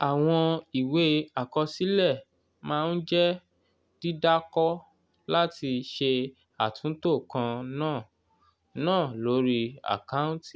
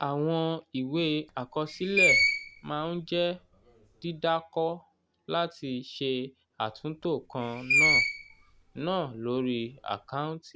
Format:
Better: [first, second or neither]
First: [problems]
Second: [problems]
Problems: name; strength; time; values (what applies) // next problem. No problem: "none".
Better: first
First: none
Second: background sound (Screech); 1 dB above the speech